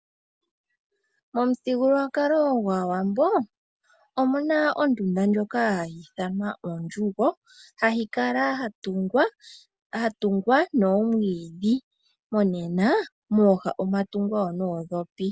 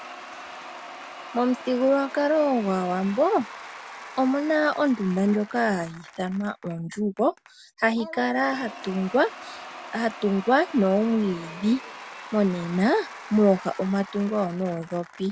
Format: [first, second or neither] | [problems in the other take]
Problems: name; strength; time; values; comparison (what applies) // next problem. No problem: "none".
first | background sound (Applause / Crowd / Cheering); 16 dB below the speech